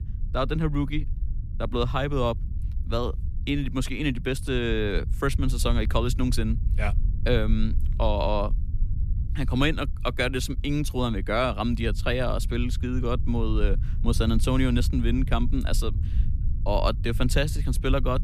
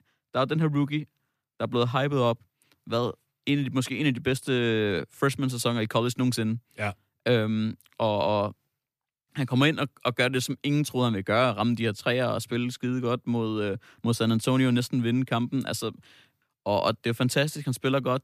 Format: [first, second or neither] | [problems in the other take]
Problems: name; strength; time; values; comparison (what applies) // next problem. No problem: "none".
second | low rumble; noticeable; throughout; 20 dB below the speech